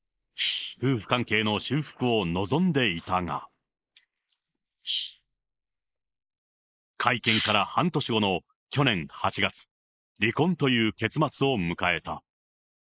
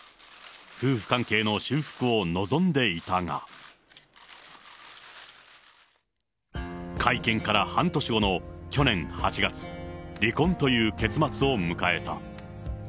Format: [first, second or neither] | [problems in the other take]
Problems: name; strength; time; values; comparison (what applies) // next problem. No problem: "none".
second | noise reduction (neural mask model Resemble Enhance denoiser)